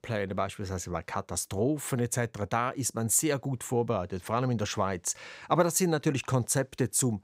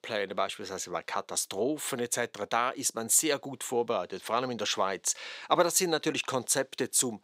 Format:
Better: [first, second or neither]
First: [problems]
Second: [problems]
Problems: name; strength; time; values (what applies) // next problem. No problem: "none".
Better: first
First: none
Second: thin; somewhat; fading below 350 Hz